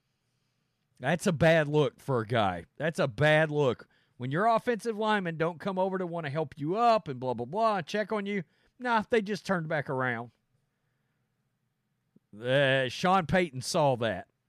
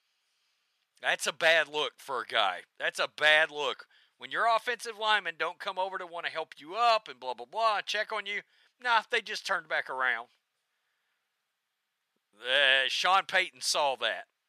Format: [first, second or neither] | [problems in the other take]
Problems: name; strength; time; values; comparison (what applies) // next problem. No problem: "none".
first | thin; very; fading below 900 Hz